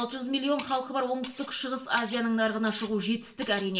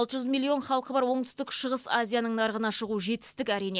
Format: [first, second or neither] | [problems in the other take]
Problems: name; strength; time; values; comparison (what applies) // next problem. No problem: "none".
second | background sound (Cutlery, silverware); 18 dB below the speech // room echo; dies away in 0.5 s